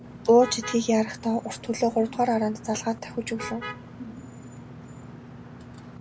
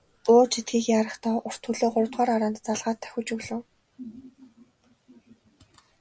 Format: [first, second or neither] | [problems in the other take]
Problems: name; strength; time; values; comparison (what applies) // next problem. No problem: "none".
second | background sound (Engine / Mechanisms + Motor vehicle (road)); 14 dB below the speech